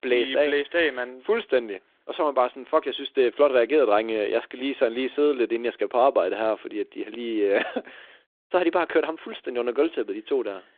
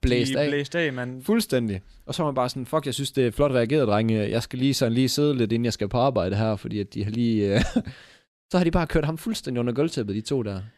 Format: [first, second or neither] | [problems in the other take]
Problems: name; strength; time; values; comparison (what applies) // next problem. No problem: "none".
second | phone-call audio; nothing above 3.5 kHz